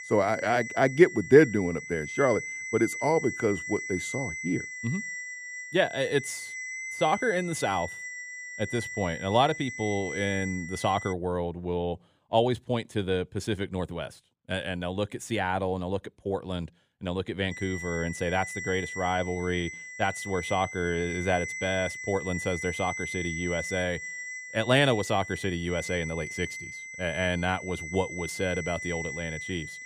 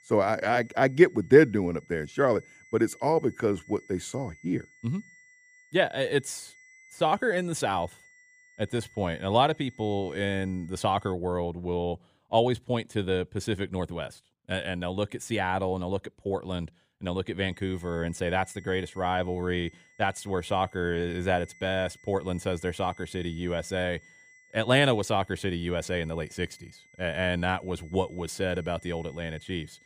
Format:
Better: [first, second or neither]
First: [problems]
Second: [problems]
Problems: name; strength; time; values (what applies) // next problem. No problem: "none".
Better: second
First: high-pitched whine; loud; until 11 s and from 18 s on; 2 kHz, 7 dB below the speech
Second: high-pitched whine; faint; until 11 s and from 18 s on; 2 kHz, 25 dB below the speech